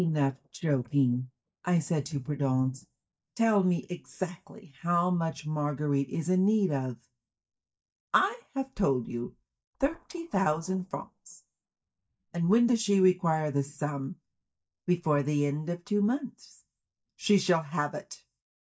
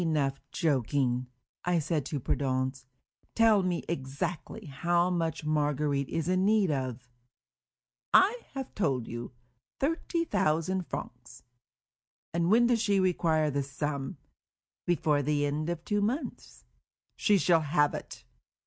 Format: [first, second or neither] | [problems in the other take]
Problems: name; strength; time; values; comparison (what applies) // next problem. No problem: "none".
second | noise reduction (neural mask model DeepFilterNet 3)